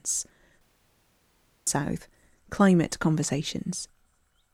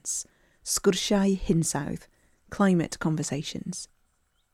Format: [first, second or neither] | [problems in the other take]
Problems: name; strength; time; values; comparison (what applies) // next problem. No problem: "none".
second | audio cutting out; at 0.5 s for 1 s